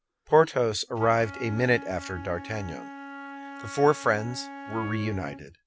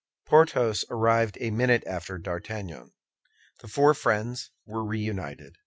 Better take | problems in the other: second | background sound (Wind instrument, woodwind instrument); 14 dB below the speech

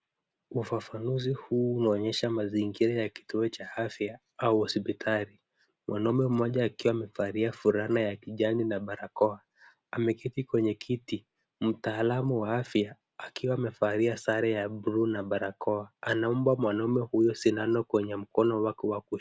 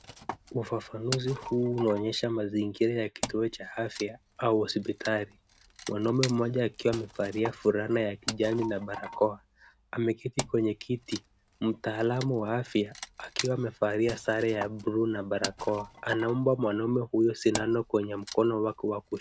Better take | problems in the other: first | background sound (Wood); 13 dB below the speech

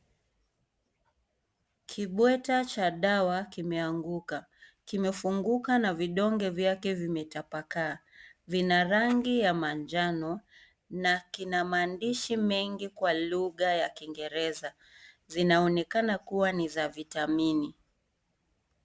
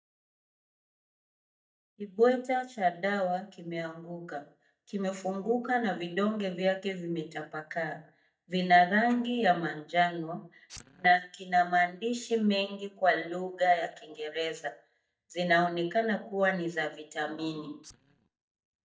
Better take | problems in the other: first | noise reduction (neural mask model DeepFilterNet 3)

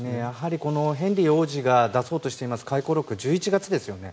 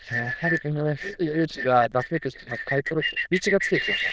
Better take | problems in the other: first | noise reduction (neural diffusion model UNIVERSE++)

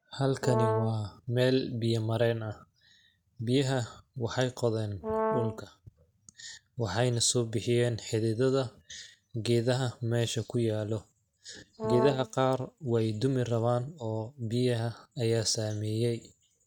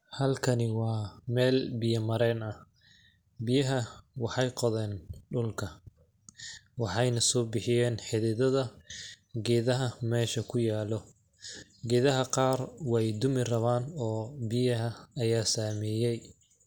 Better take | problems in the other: second | noise reduction (neural mask model RNNoise)

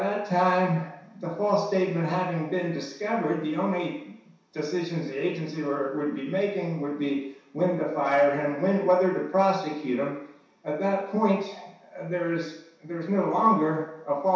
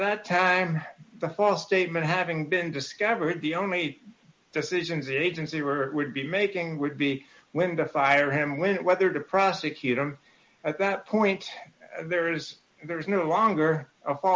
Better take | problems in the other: second | room echo; dies away in 0.7 s

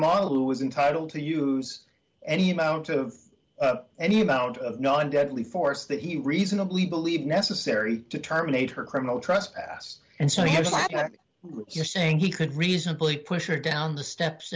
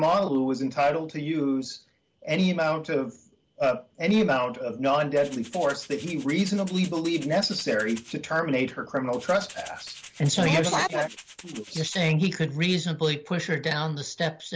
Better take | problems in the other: first | background sound (Rattle (instrument)); 19 dB below the speech

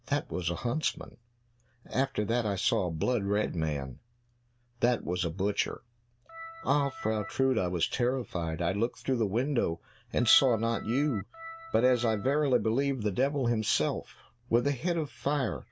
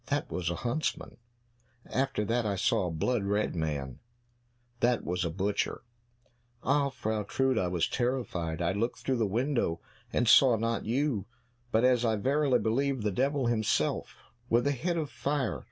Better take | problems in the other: second | background sound (Organ); 14 dB below the speech

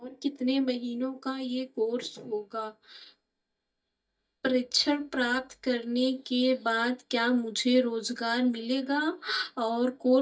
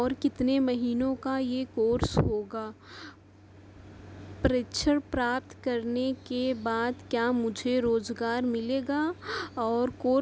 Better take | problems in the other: second | noise reduction (neural mask model DeepFilterNet 3)

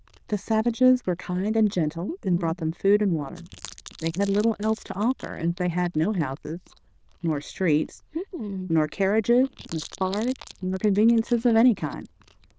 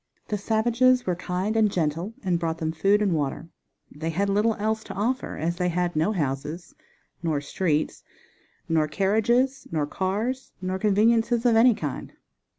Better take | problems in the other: second | noise reduction (neural diffusion model UNIVERSE++)

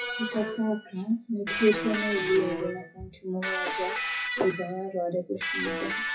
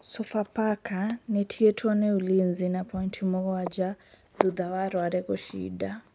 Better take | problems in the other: second | noise reduction (classical method WPE with log-MMSE)

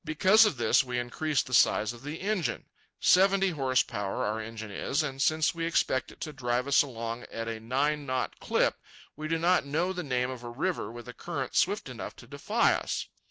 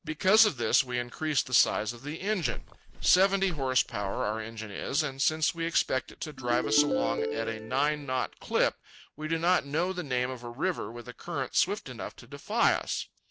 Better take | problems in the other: first | background sound (Ringtone + Walk, footsteps); 4 dB below the speech

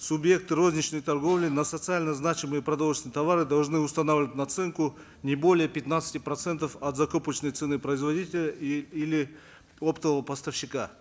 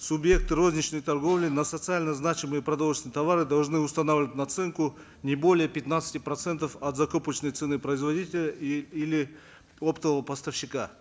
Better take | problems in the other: first | background sound (Bass drum); 6 dB below the speech

